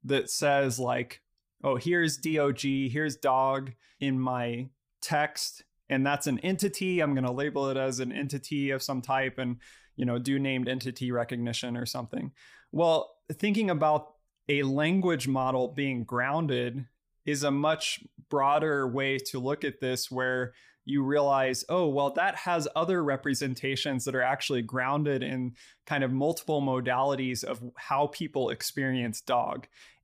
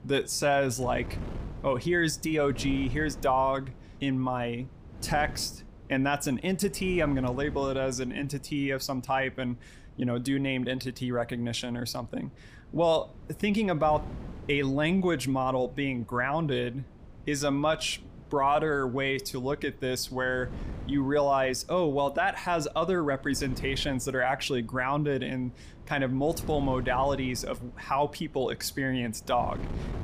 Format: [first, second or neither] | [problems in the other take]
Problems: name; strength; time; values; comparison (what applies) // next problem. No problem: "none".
first | wind noise on the microphone; occasional gusts; 20 dB below the speech